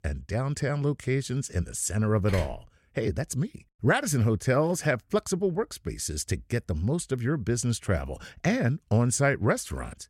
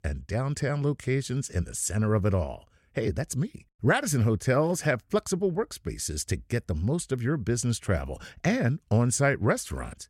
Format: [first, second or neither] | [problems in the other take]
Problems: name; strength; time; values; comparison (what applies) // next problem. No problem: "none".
second | door banging; faint; at 2.5 s; peak 10 dB below the speech